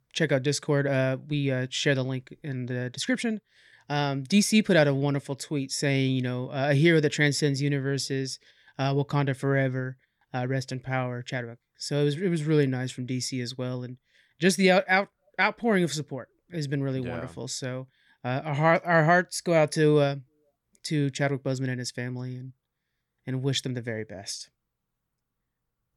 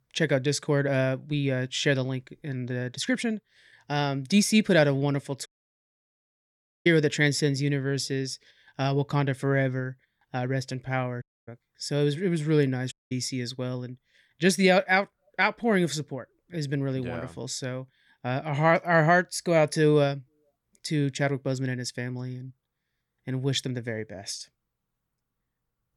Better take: first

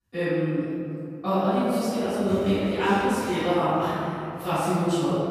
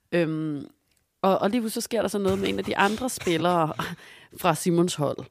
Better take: second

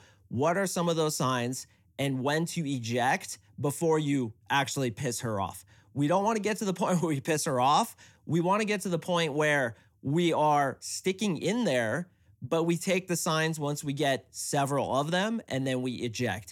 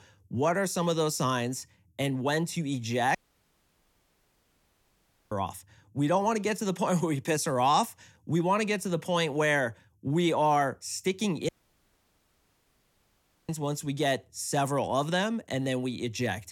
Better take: first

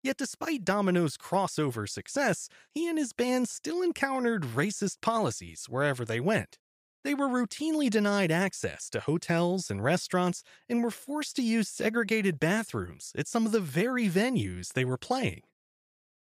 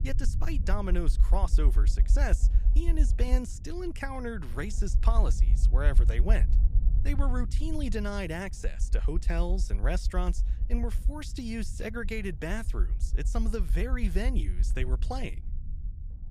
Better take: first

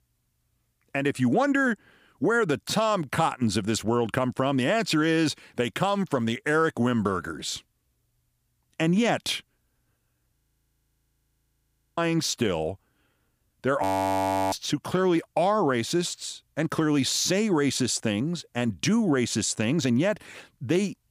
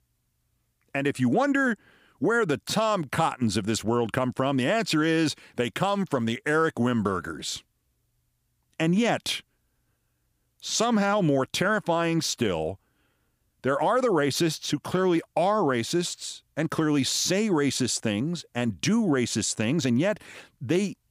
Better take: second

